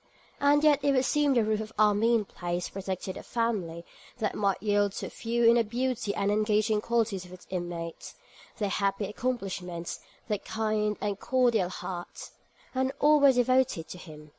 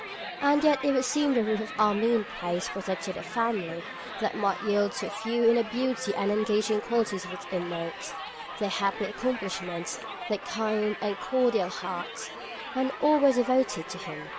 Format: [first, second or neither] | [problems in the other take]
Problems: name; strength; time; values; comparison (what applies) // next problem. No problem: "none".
first | background sound (Crowd); 10 dB below the speech